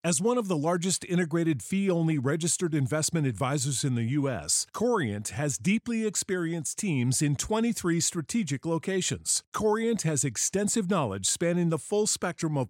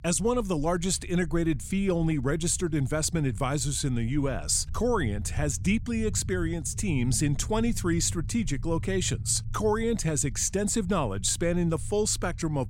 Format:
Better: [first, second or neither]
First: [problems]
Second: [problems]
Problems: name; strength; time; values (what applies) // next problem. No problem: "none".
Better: first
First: none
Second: low rumble; faint; throughout; 25 dB below the speech